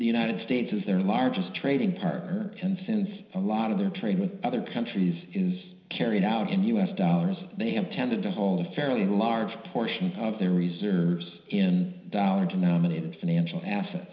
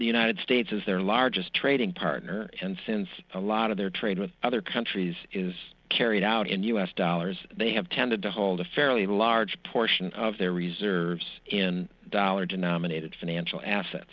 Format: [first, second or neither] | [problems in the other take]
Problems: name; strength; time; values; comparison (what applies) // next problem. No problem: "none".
second | room echo; dies away in 0.9 s